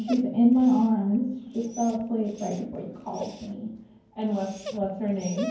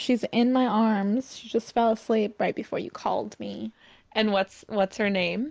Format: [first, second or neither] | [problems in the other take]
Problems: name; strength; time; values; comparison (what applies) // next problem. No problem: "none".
second | background sound (Dog); 17 dB below the speech // room echo; dies away in 0.9 s